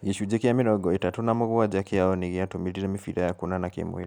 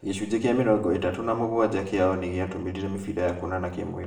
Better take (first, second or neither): first